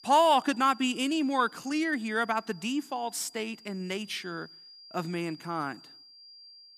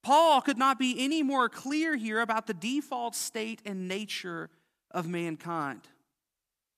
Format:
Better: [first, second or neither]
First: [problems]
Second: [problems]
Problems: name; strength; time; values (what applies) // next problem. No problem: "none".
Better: second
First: high-pitched whine; faint; throughout; 5 kHz, 20 dB below the speech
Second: none